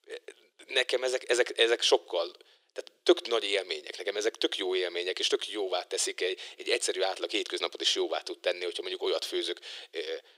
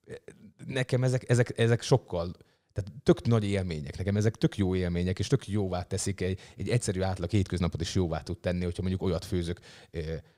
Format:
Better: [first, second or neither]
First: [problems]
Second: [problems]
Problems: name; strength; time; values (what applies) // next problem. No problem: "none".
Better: second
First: thin; very; fading below 350 Hz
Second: none